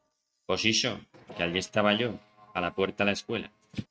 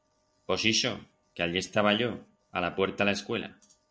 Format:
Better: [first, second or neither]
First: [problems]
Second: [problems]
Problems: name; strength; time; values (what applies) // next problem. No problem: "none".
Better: second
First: noise reduction (neural mask model RNNoise)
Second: none